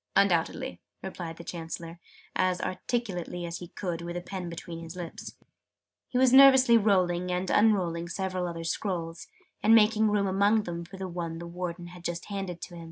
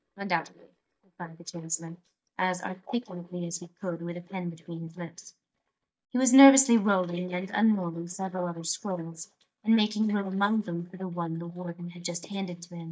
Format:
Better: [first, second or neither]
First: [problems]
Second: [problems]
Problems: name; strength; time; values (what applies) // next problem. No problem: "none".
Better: first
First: none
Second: noise reduction (neural mask model DeepFilterNet 3)